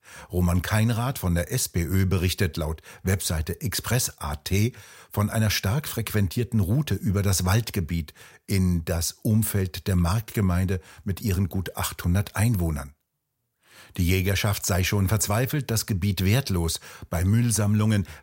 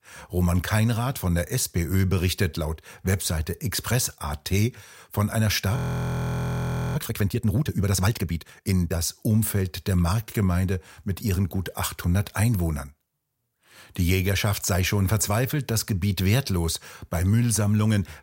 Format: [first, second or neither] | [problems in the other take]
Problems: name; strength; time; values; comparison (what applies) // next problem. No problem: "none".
first | audio freezing; at 6 s for 1 s